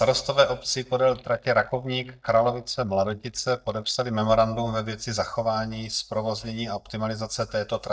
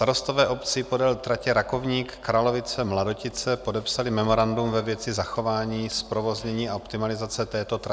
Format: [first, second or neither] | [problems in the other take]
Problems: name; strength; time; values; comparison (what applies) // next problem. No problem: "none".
second | noise reduction (neural mask model DeepFilterNet 3)